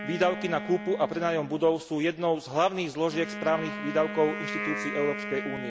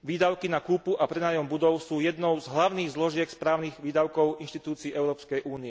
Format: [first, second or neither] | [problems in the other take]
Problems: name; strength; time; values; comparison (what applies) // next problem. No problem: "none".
second | background sound (Wind instrument, woodwind instrument); 9 dB below the speech